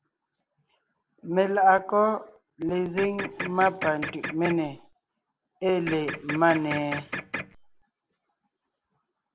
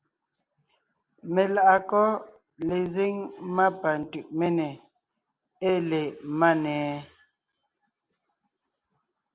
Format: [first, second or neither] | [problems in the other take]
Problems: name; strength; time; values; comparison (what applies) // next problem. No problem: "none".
second | background sound (Printer); 8 dB below the speech